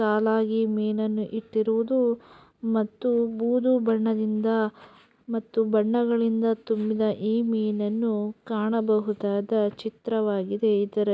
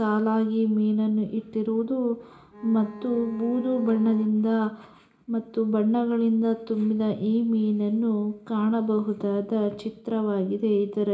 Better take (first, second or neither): first